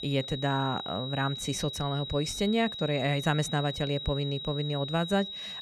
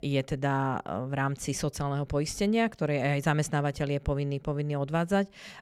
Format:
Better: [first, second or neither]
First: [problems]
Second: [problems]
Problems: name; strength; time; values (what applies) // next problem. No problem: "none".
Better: second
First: high-pitched whine; loud; throughout; 4 kHz, 6 dB below the speech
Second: none